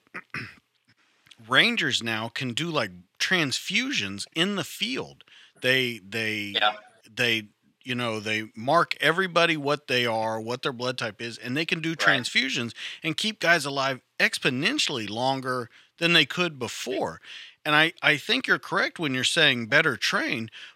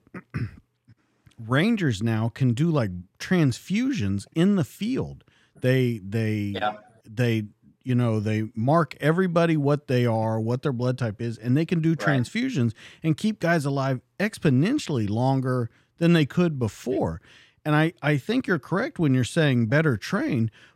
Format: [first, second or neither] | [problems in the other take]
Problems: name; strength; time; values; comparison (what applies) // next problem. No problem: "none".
second | thin; somewhat; fading below 900 Hz